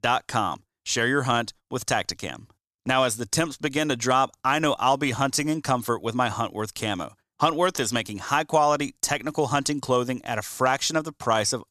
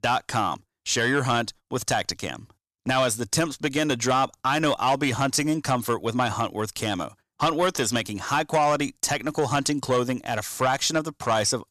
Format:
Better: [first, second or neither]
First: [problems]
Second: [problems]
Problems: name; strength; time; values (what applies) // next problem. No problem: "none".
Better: first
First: none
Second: distortion; slight; 10 dB below the speech